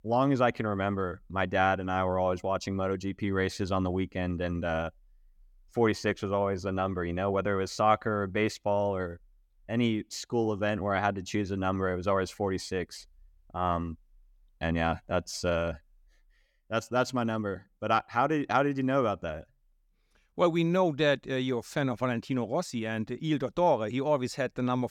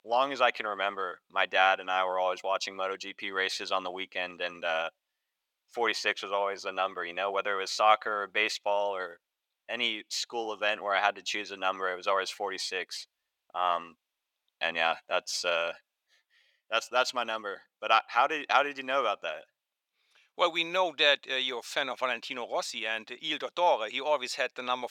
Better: first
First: none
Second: thin; very; fading below 750 Hz

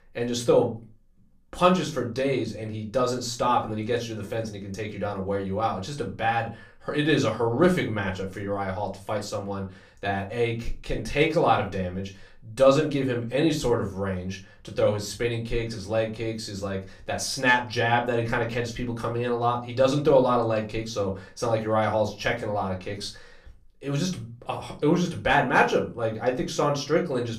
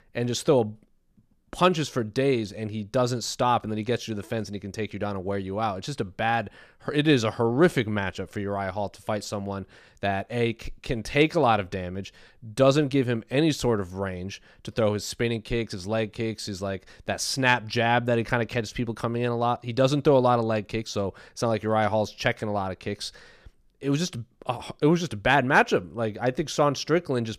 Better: second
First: off-mic speech; far // room echo; very slight; dies away in 0.3 s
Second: none

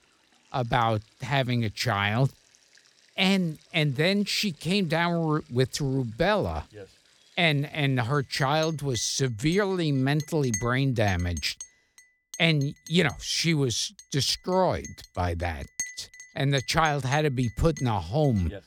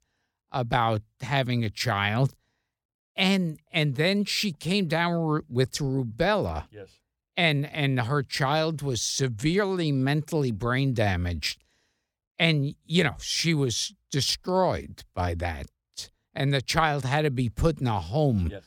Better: second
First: household noises; noticeable; throughout; 15 dB below the speech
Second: none

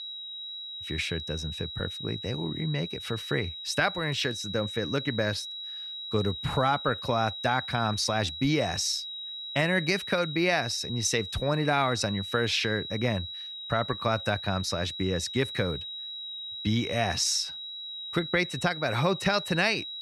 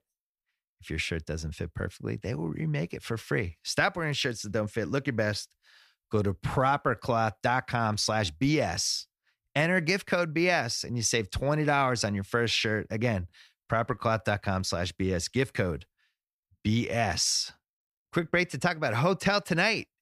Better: second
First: high-pitched whine; loud; throughout; 4 kHz, 7 dB below the speech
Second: none

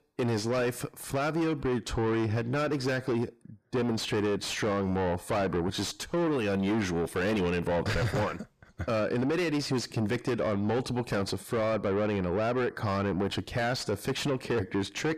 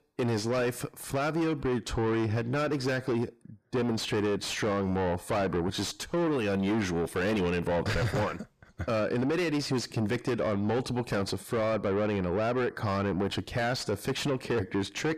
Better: neither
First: distortion; heavy; 7 dB below the speech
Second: distortion; heavy; 7 dB below the speech

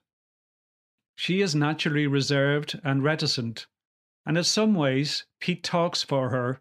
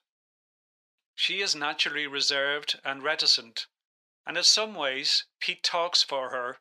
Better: first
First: none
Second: thin; very; fading below 700 Hz

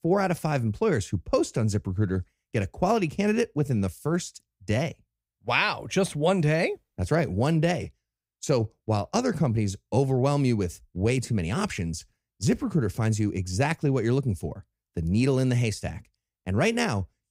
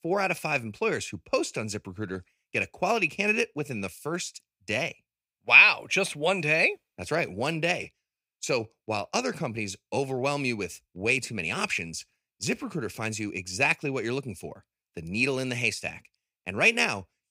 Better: first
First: none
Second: thin; somewhat; fading below 1 kHz

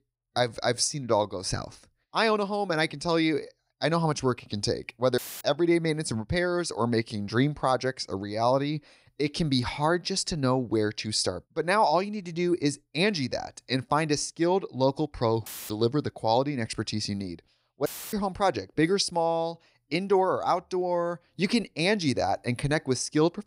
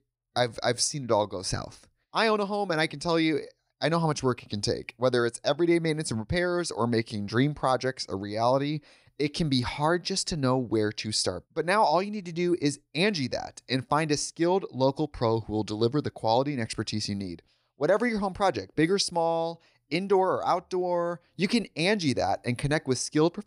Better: second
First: audio cutting out; filled with static; at 5 s, at 15 s and at 18 s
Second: none

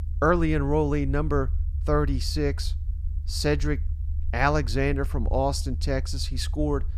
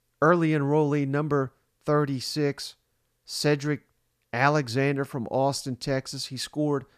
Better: second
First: low rumble; faint; throughout; 20 dB below the speech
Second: none

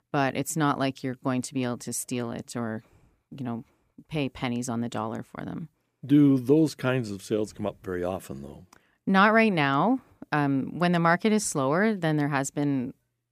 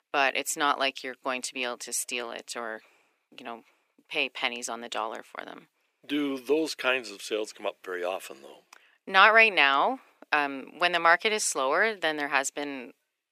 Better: first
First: none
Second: thin; very; fading below 450 Hz

